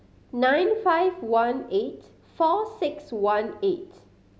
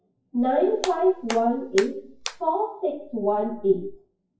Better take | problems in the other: first | noise reduction (classical method WPE with log-MMSE)

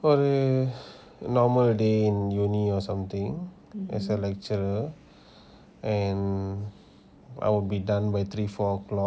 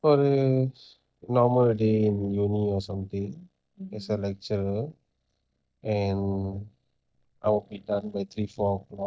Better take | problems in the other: first | noise reduction (neural mask model DeepFilterNet 3)

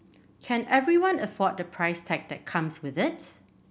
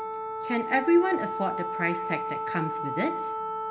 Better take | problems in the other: first | background sound (Wind instrument, woodwind instrument); 3 dB below the speech // room echo; dies away in 2.9 s

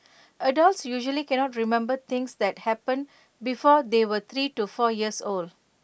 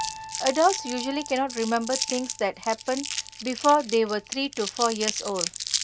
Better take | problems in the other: first | background sound (Crumpling, crinkling + Piano); 7 dB below the speech

